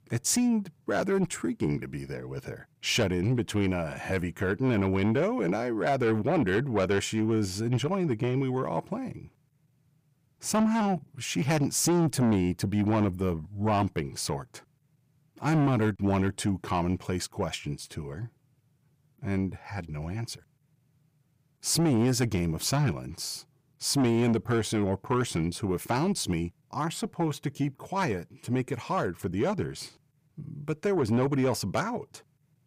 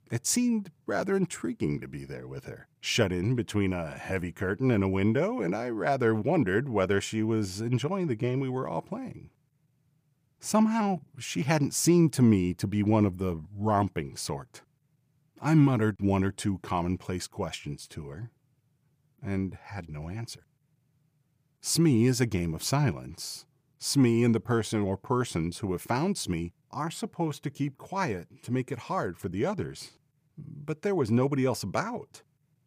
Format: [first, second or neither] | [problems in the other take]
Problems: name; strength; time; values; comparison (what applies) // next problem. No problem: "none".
second | distortion; slight; 10 dB below the speech